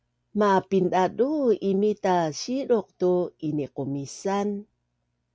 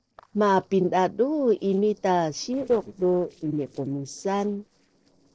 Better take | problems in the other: first | noise reduction (neural separator model SepFormer DNS4)

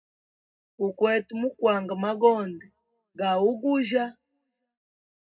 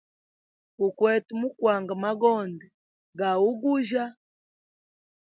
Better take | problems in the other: second | room echo; dies away in 0.2 s

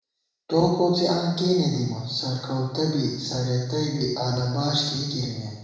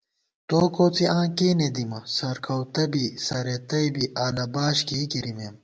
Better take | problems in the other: second | room echo; dies away in 1 s

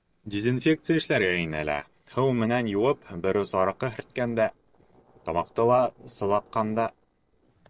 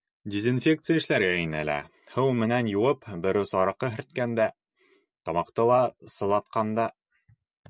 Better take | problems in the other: second | noise reduction (neural separator model SepFormer DNS4)

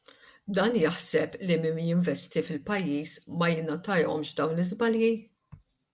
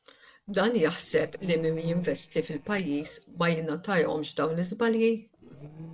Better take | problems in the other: first | noise reduction (neural separator model SepFormer DNS4)

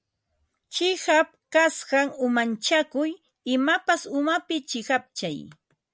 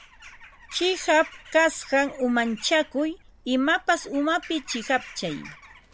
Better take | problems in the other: first | background sound (Bird vocalization, bird call, bird song / Crow); 20 dB below the speech

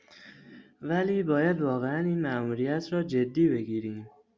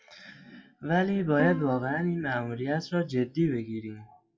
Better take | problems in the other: first | noise reduction (classical method WPE with log-MMSE)

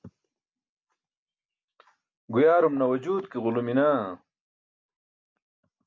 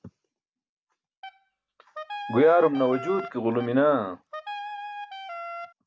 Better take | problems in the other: first | background sound (Wind instrument, woodwind instrument); 11 dB below the speech

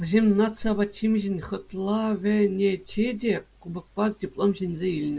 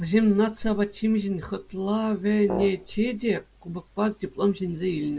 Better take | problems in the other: first | background sound (Brass instrument); 10 dB below the speech

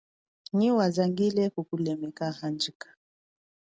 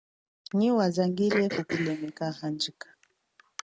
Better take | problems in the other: first | background sound (Cough); 10 dB below the speech

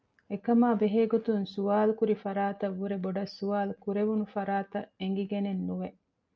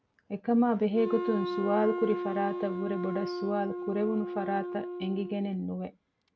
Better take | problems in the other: first | background sound (Wind instrument, woodwind instrument); 6 dB below the speech

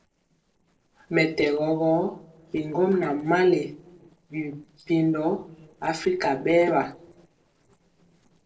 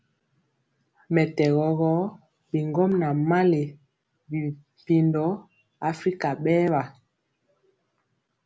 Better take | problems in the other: second | noise reduction (neural separator model SepFormer DNS4)

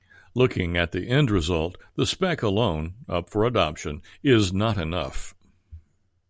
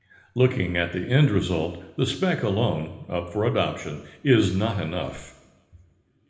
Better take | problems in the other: first | room echo; dies away in 0.9 s

